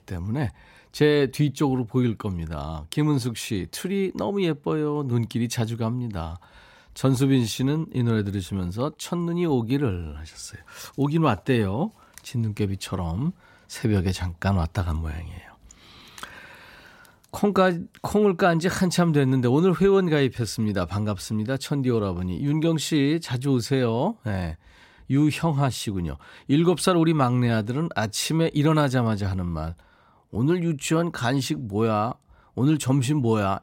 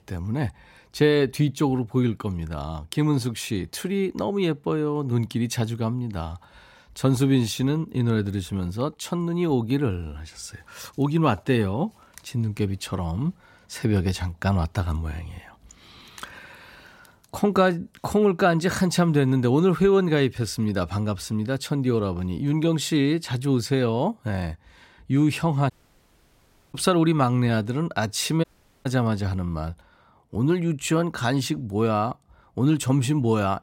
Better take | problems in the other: first | audio cutting out; at 26 s for 1 s and at 28 s

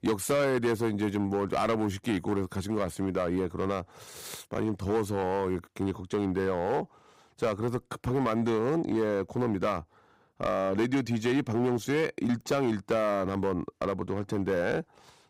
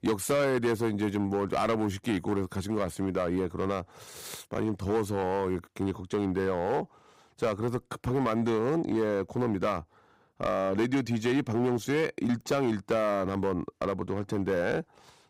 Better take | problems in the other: neither | distortion; slight; 7% of the sound clipped; the same in both

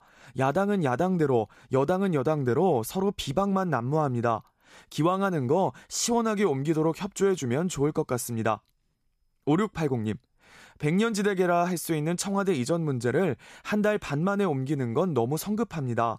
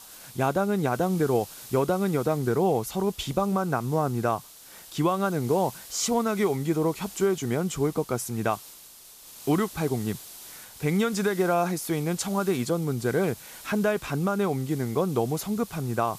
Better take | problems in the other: first | hiss; noticeable; throughout; 15 dB below the speech

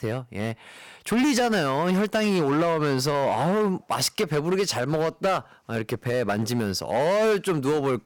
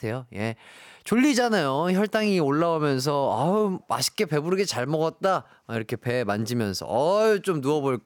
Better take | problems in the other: second | distortion; slight; 14% of the sound clipped

